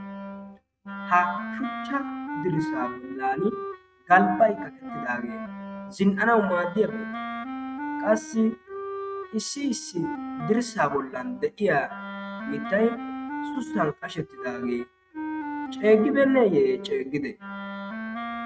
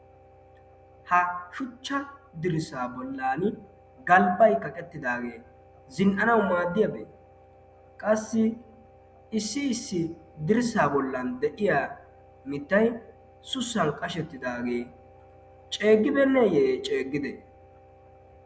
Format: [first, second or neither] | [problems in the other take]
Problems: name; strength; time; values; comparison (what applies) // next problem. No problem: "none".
second | noise reduction (neural mask model RNNoise)